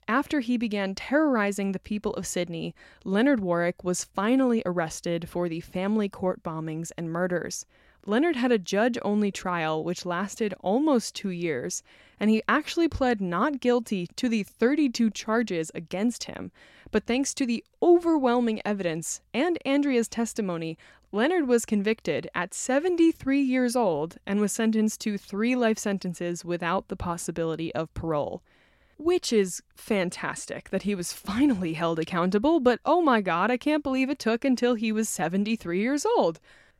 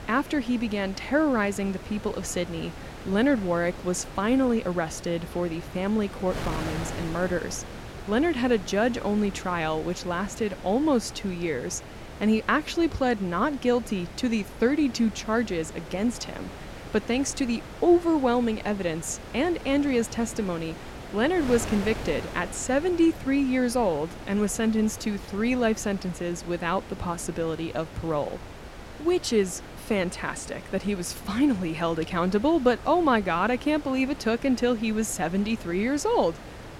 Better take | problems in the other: first | wind noise on the microphone; occasional gusts; 15 dB below the speech

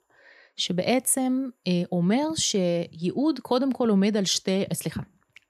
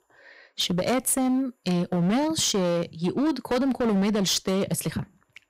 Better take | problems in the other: first | distortion; slight; 18% of the sound clipped

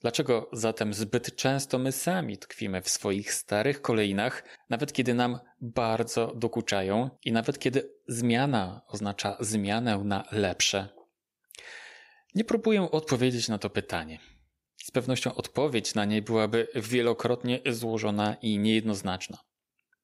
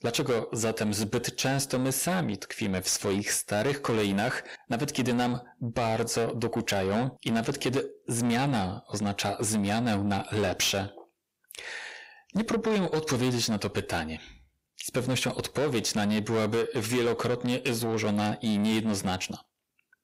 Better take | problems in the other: first | distortion; heavy; 7 dB below the speech

